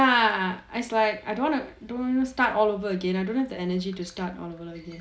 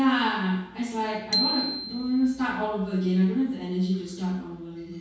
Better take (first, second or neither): first